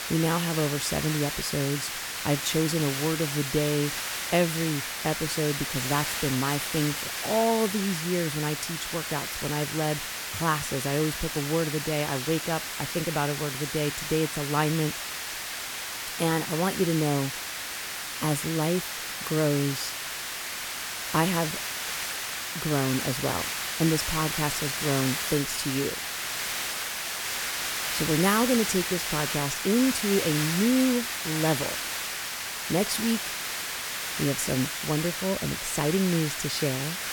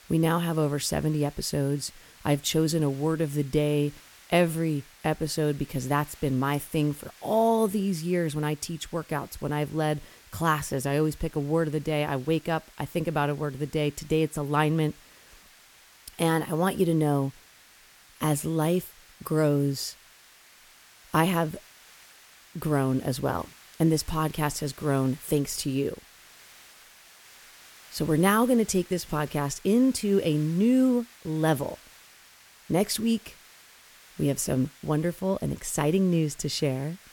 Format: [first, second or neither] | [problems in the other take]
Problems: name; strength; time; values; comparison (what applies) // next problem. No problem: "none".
second | hiss; loud; throughout; 2 dB below the speech; faint in the second